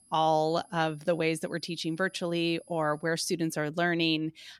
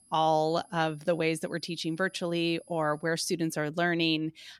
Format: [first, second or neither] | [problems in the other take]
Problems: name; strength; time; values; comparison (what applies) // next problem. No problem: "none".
neither | high-pitched whine; faint; until 3 s; 10.5 kHz, 30 dB below the speech; the same in both